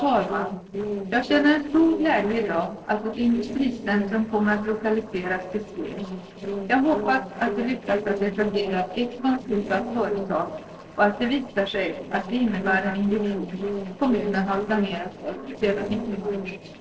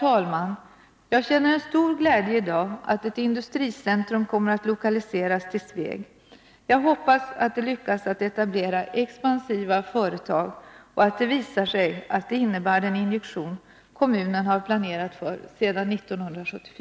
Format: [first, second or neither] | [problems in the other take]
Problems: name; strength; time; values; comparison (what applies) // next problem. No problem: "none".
second | noise reduction (neural separator model SepFormer DNS4)